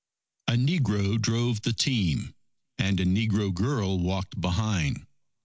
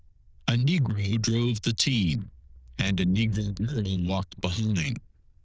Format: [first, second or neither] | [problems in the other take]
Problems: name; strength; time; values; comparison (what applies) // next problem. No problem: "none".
first | noise reduction (neural diffusion model UNIVERSE++)